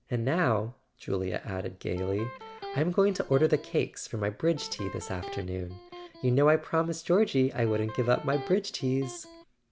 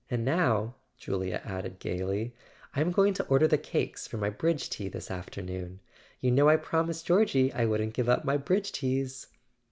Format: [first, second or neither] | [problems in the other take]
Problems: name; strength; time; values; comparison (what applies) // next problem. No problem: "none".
second | background sound (Electric guitar); 15 dB below the speech